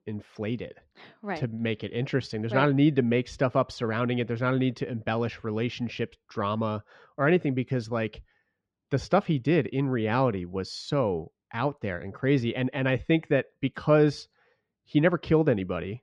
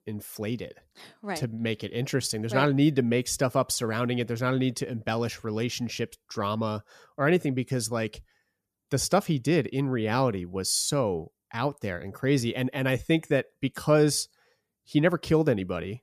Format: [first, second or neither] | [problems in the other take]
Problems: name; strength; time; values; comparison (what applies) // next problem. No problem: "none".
second | muffled; slightly; fading above 3.5 kHz